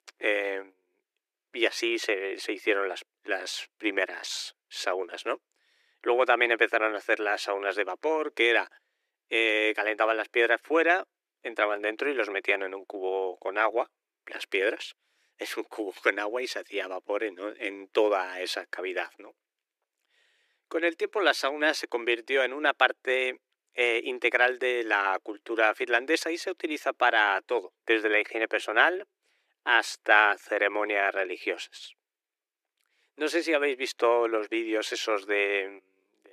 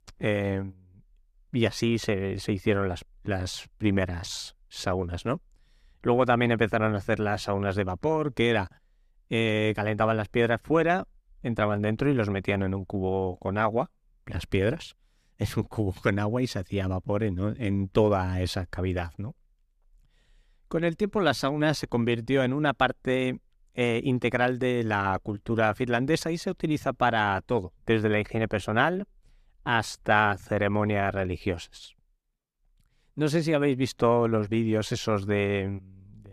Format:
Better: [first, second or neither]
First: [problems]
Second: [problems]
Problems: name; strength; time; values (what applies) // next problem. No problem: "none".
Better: second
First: thin; very; fading below 350 Hz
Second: none